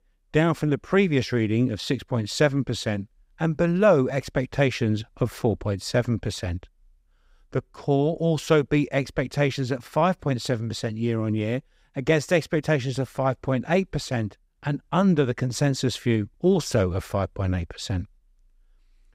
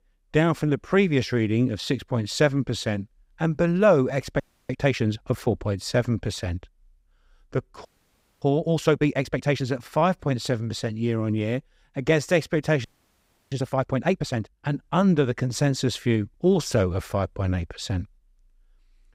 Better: first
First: none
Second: audio freezing; at 4.5 s, at 8 s for 0.5 s and at 13 s for 0.5 s

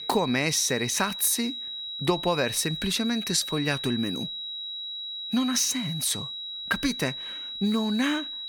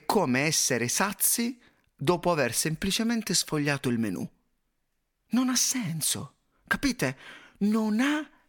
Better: second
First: high-pitched whine; loud; throughout; 4 kHz, 6 dB below the speech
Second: none

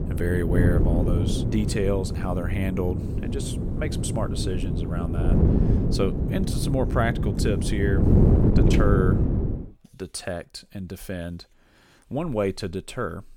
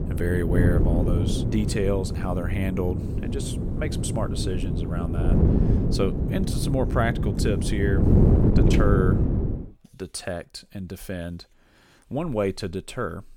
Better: neither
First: wind noise on the microphone; heavy; until 9.5 s; 2 dB below the speech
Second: wind noise on the microphone; heavy; until 9.5 s; 2 dB below the speech

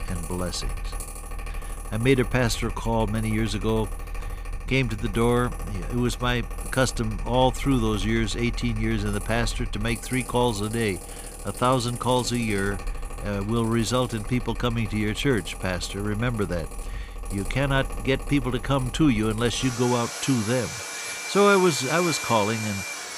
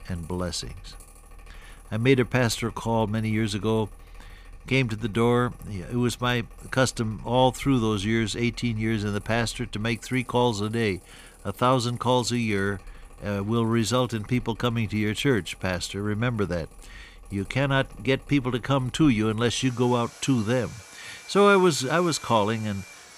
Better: second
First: machinery noise; loud; throughout; 10 dB below the speech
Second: machinery noise; faint; throughout; 20 dB below the speech

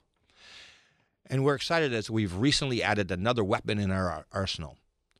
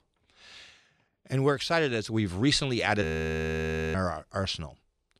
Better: first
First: none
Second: audio freezing; at 3 s for 1 s

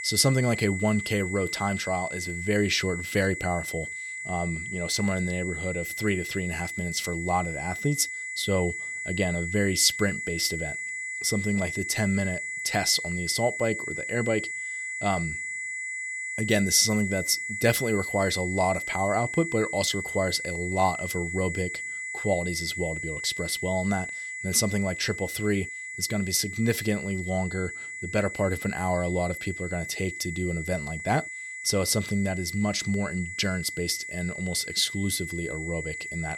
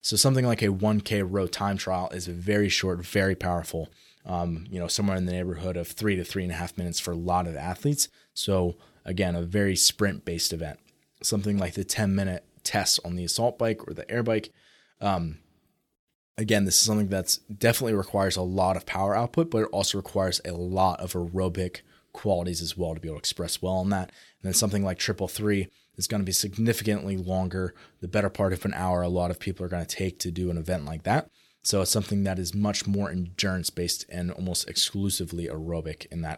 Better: second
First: high-pitched whine; loud; throughout; 2 kHz, 5 dB below the speech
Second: none

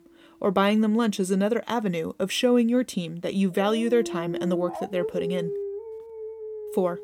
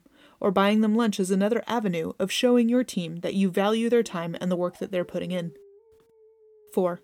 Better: second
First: animal sounds; loud; throughout; 9 dB below the speech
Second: animal sounds; faint; throughout; 30 dB below the speech

